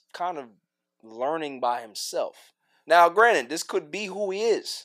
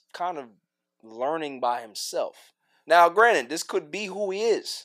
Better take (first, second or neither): neither